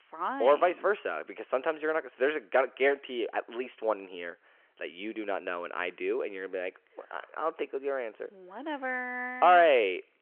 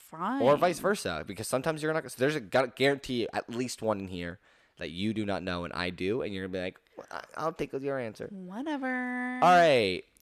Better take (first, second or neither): second